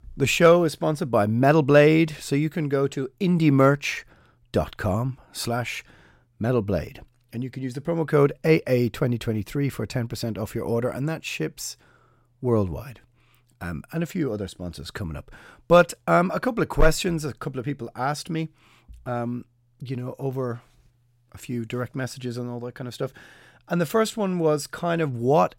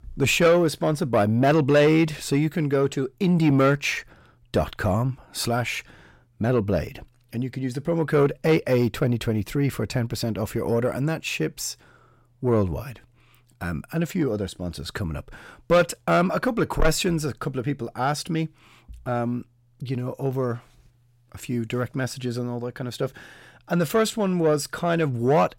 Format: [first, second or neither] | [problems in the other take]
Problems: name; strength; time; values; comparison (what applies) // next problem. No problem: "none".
first | distortion; slight; 10 dB below the speech